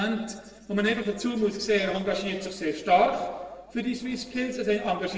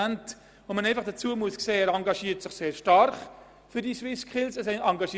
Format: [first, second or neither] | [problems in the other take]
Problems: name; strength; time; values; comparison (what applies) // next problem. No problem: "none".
second | noise reduction (neural separator model SepFormer DNS4)